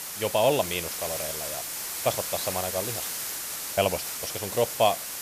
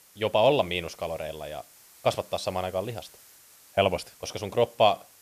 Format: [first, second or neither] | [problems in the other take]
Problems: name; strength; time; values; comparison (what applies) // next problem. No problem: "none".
second | hiss; loud; throughout; 3 dB below the speech; faint in the second